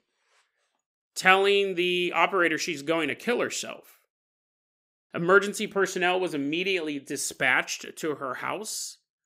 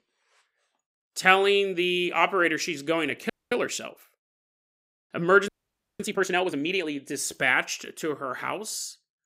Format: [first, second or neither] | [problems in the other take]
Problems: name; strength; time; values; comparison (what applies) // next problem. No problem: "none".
first | audio freezing; at 3.5 s and at 5.5 s for 0.5 s